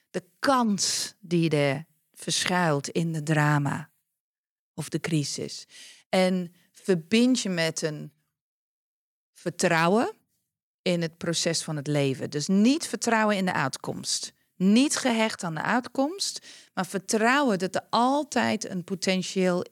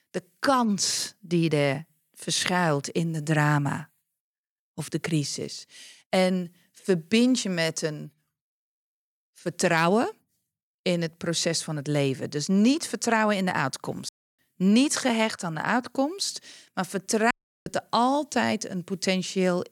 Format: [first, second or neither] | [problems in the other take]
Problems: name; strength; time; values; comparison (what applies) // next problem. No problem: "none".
first | audio cutting out; at 14 s and at 17 s